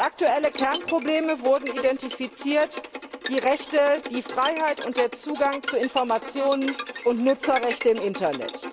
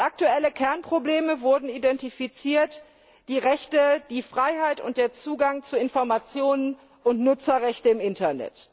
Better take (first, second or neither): second